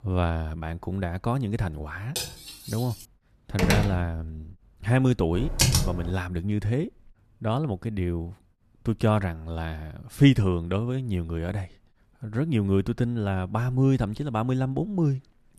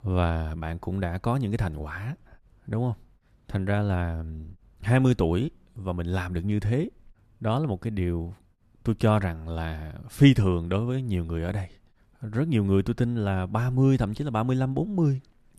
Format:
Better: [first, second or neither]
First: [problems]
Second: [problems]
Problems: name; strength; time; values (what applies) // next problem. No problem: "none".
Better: second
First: clattering dishes; noticeable; at 2 s; peak 5 dB below the speech // door banging; loud; at 3.5 s; peak 3 dB above the speech // keyboard typing; loud; at 5.5 s; peak 5 dB above the speech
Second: none